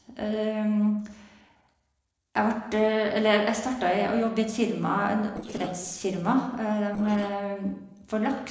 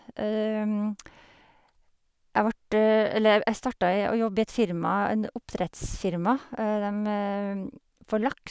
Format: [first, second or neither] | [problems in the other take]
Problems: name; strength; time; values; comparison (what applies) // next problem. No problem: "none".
second | noise reduction (neural separator model SepFormer DNS4)